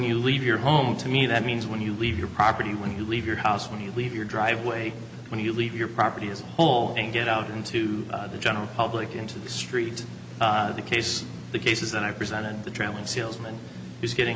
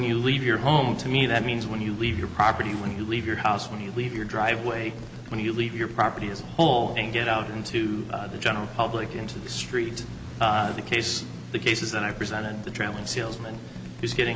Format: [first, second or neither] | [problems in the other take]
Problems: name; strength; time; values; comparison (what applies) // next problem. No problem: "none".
first | background sound (Zipper (clothing)); 19 dB below the speech